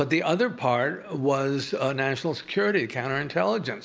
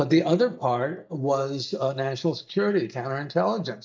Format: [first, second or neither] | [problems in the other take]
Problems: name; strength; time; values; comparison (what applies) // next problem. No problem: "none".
first | noise reduction (neural mask model DeepFilterNet 3)